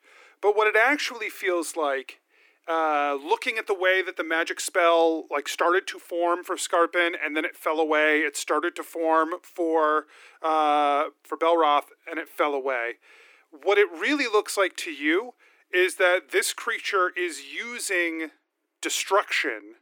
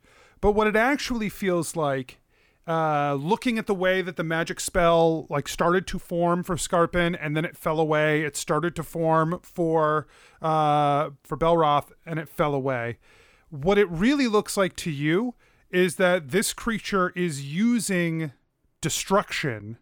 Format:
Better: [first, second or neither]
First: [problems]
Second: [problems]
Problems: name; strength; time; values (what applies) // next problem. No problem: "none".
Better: second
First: thin; somewhat; fading below 300 Hz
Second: none